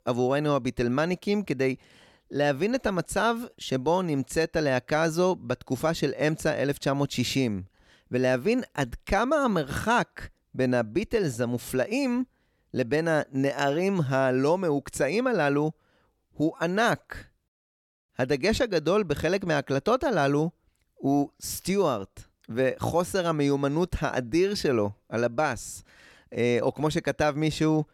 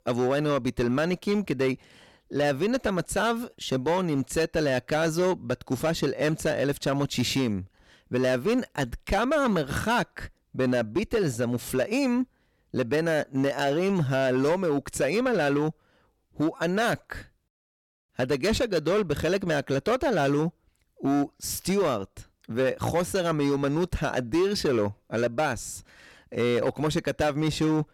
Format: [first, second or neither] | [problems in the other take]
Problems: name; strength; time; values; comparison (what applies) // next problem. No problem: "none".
first | distortion; slight; 9% of the sound clipped